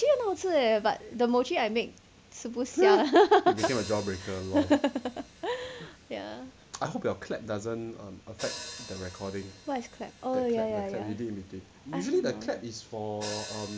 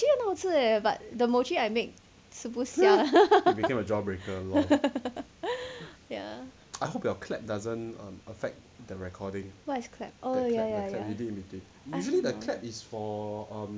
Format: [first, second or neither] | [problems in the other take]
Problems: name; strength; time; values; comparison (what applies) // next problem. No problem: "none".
second | background sound (Hi-hat); 19 dB below the speech